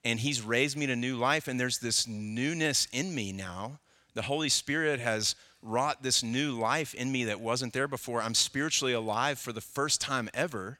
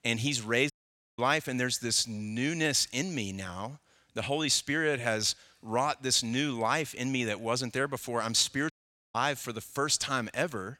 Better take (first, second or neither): first